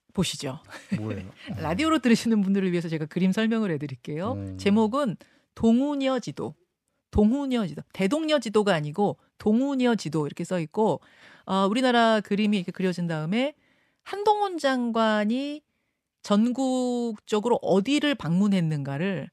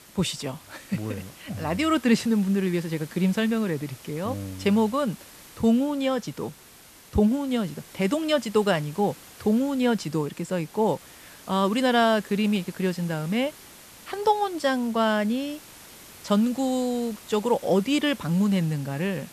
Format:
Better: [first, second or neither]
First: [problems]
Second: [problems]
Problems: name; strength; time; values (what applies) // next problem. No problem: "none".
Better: first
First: none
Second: hiss; faint; throughout; 20 dB below the speech